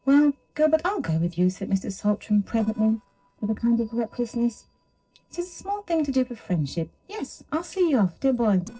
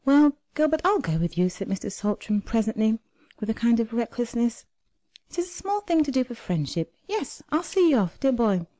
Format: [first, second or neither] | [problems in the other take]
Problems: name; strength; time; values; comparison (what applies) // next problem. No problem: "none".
second | noise reduction (neural separator model SepFormer DNS4)